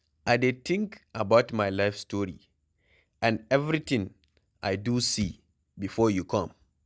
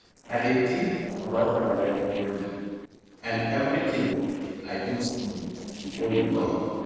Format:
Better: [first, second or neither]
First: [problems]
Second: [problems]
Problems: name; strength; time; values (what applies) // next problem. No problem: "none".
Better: first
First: none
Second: noise reduction (neural separator model SepFormer DNS4)